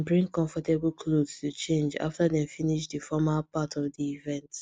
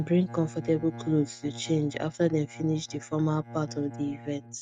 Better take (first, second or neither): first